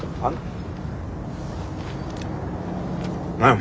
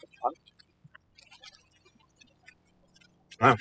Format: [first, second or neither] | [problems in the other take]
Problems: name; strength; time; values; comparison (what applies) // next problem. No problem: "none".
first | noise reduction (classical method spectral subtraction)